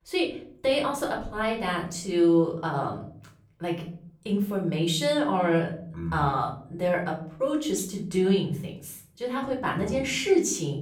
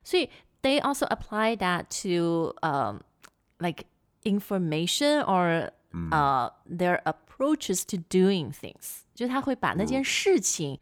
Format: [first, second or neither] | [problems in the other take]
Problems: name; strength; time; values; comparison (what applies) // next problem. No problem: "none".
second | off-mic speech; far // room echo; slight; dies away in 0.7 s